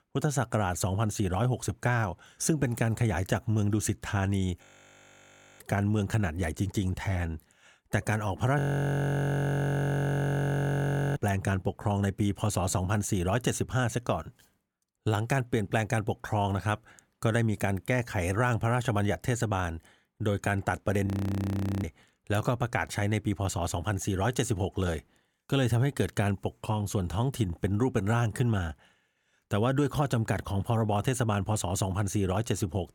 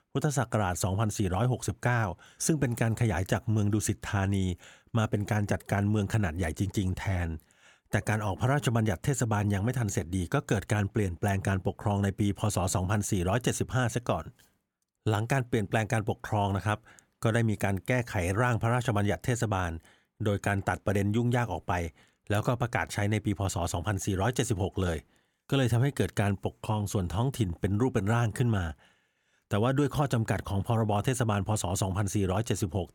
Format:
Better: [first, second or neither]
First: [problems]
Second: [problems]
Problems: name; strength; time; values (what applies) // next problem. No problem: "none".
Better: second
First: audio freezing; at 4.5 s for 1 s, at 8.5 s for 2.5 s and at 21 s for 1 s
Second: none